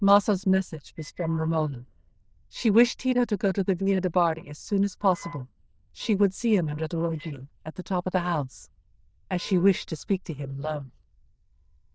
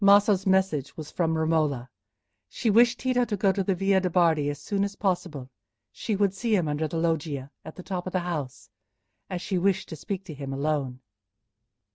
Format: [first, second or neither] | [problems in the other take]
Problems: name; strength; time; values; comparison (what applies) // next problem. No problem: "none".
second | noise reduction (neural diffusion model UNIVERSE++)